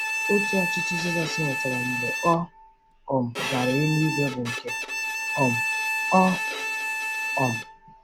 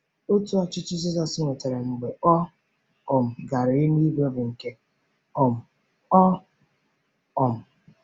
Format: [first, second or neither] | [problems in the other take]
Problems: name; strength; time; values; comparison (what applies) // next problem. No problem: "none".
second | background sound (Bowed string instrument); 2 dB below the speech